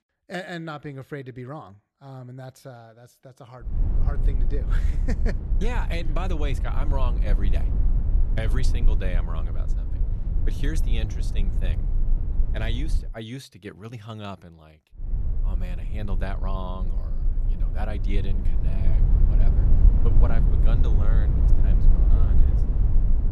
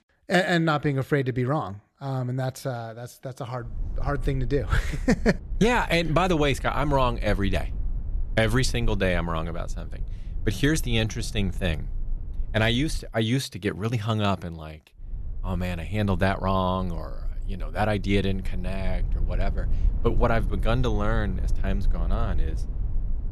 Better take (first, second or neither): second